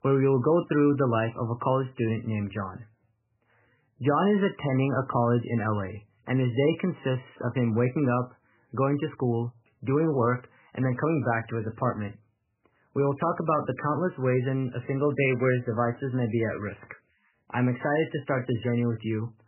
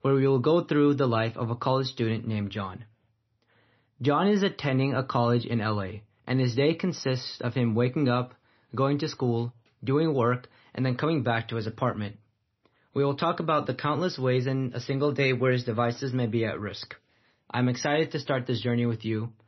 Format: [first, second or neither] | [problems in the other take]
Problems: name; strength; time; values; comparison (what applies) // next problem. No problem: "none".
second | garbled, watery; badly; nothing above 3 kHz; slightly in the second